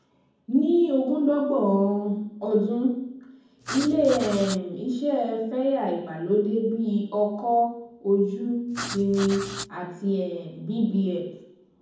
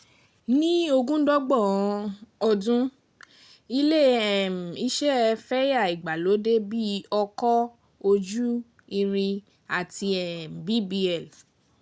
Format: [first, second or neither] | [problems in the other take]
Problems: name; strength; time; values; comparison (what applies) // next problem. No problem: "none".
second | background sound (Writing); 10 dB below the speech // room echo; dies away in 1.2 s